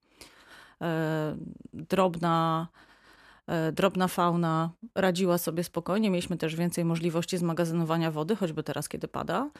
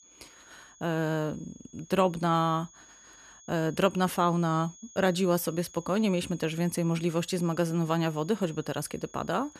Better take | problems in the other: first | high-pitched whine; faint; throughout; 6.5 kHz, 20 dB below the speech

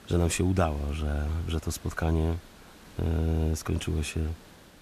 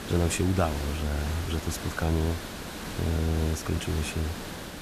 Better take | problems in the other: first | hiss; loud; throughout; 7 dB below the speech; faint in the first

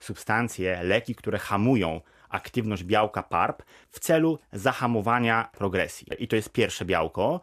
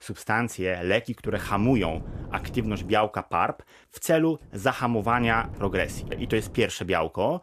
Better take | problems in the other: first | wind noise on the microphone; occasional gusts; from 1 to 3 s and from 4.5 to 6.5 s; 20 dB below the speech

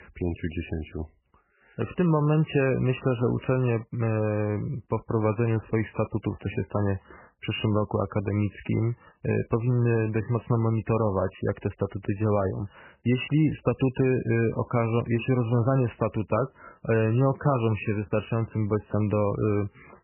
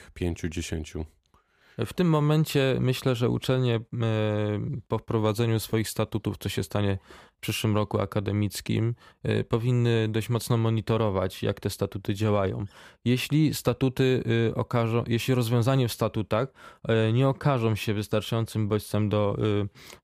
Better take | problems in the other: second | garbled, watery; badly; nothing above 3 kHz

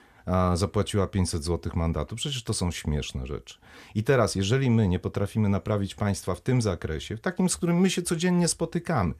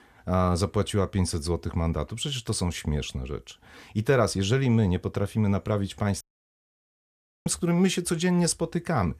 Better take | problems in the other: first | audio cutting out; at 6 s for 1.5 s

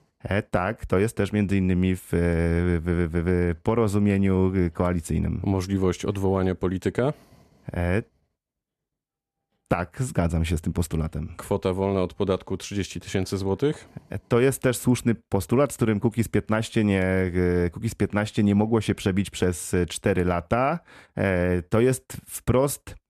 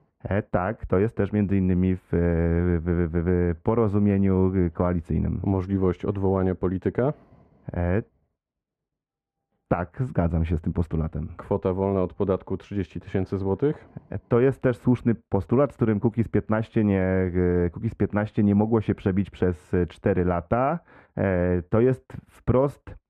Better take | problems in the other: first | muffled; very; fading above 3.5 kHz

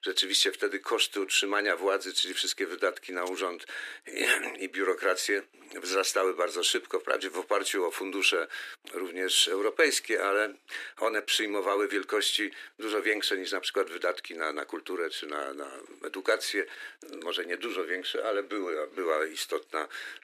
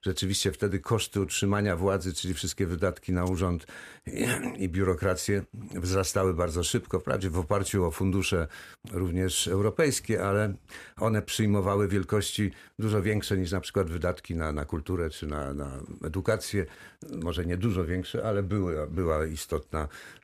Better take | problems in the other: second | thin; very; fading below 300 Hz

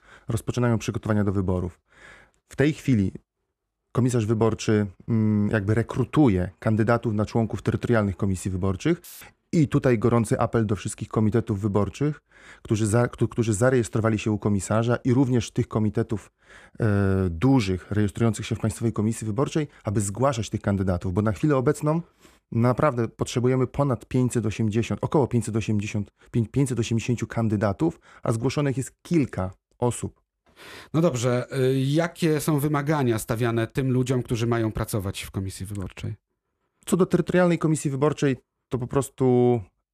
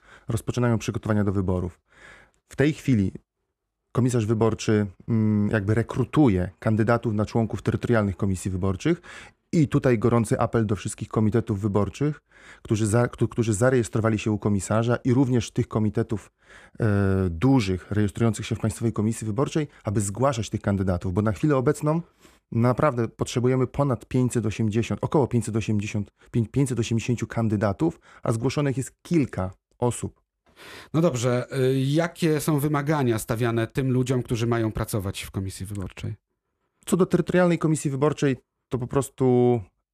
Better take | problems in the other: second | audio cutting out; filled with static; at 9 s

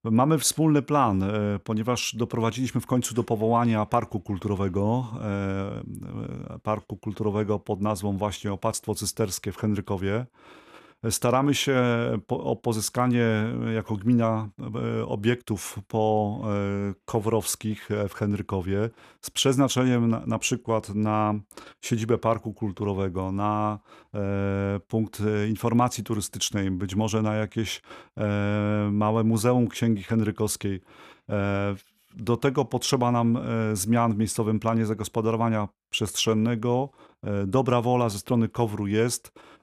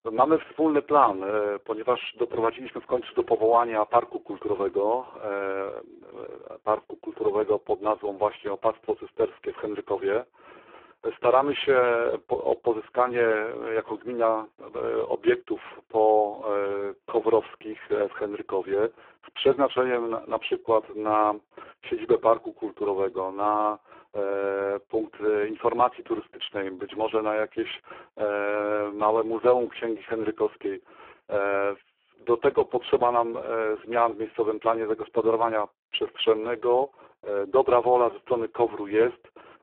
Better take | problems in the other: first | phone-call audio; poor line

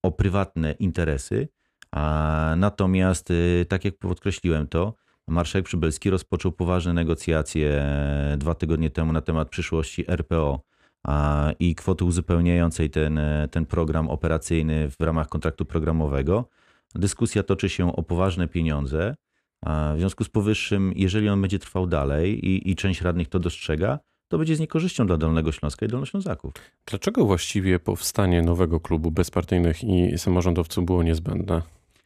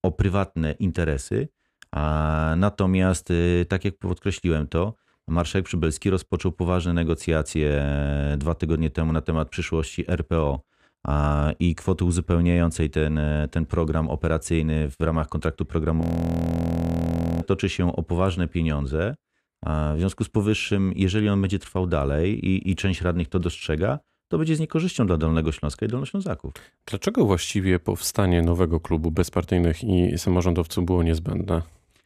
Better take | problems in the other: first | audio freezing; at 16 s for 1.5 s

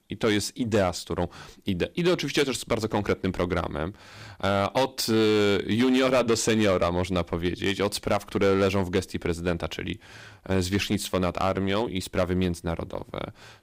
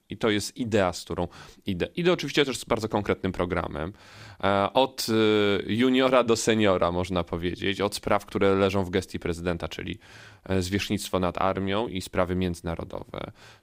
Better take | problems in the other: second | distortion; slight; 5% of the sound clipped

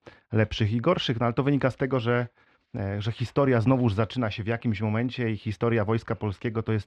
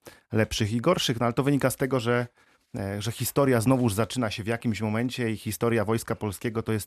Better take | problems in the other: second | muffled; slightly; fading above 4 kHz

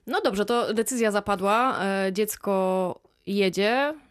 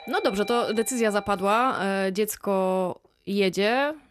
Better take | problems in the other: first | background music; noticeable; at the start; 15 dB below the speech

